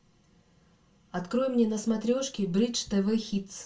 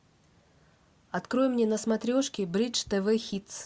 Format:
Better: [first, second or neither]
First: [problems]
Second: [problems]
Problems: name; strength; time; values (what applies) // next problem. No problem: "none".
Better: second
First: room echo; dies away in 0.2 s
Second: none